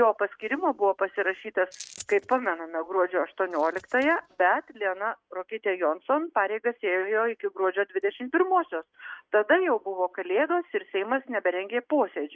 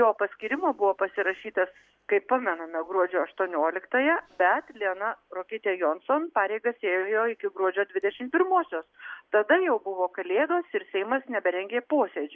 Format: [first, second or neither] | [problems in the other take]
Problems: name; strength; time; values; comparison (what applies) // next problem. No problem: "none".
second | noise reduction (neural mask model RNNoise)